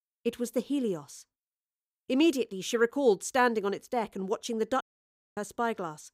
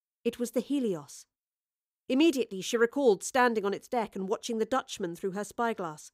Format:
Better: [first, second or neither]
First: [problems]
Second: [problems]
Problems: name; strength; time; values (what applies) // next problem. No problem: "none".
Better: second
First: audio cutting out; at 5 s for 0.5 s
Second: none